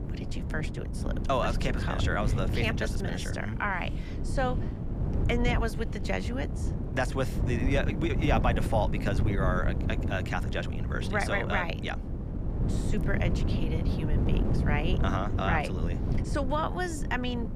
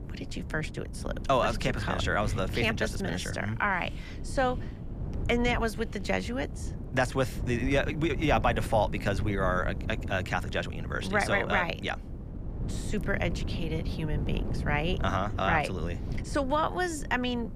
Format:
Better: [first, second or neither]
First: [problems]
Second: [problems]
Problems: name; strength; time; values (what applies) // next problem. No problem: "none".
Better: second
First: wind noise on the microphone; heavy; 9 dB below the speech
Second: wind noise on the microphone; occasional gusts; 15 dB below the speech